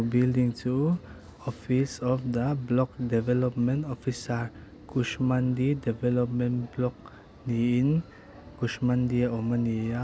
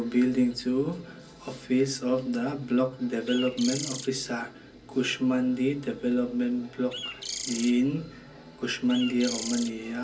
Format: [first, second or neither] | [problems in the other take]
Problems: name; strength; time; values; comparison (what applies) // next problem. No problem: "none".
first | background sound (Bird); 8 dB below the speech // room echo; dies away in 0.3 s